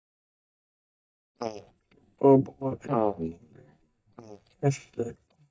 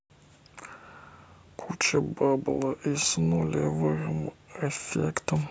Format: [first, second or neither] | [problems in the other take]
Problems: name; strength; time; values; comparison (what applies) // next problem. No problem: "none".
second | noise reduction (neural mask model DeepFilterNet 3)